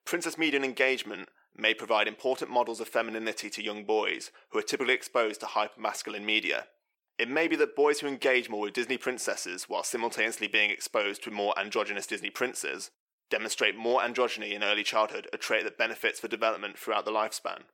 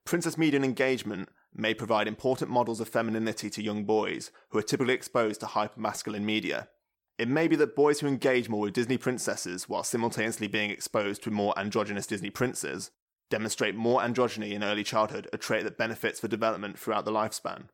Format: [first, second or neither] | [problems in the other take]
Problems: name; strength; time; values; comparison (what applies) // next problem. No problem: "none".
second | thin; somewhat; fading below 450 Hz